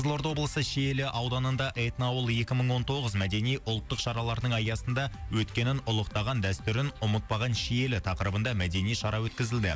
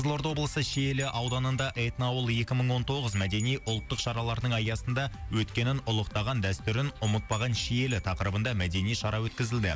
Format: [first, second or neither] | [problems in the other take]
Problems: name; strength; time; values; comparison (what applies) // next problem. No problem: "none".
first | background sound (Glass / Bell); 19 dB below the speech